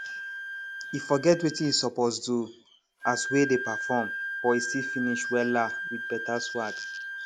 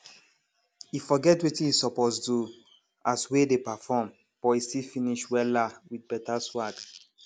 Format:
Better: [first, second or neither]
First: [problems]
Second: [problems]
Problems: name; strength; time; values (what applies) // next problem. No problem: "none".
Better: second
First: background sound (Wind instrument, woodwind instrument); 6 dB below the speech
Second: none